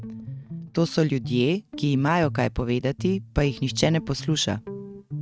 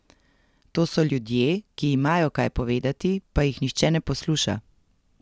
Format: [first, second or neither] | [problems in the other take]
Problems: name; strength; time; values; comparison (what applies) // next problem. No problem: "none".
second | noise reduction (neural mask model RNNoise)